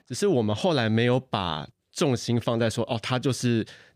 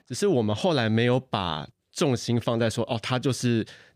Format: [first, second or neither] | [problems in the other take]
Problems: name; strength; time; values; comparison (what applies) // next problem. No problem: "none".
neither | none